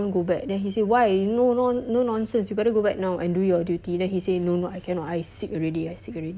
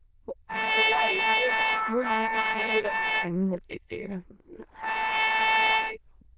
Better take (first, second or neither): first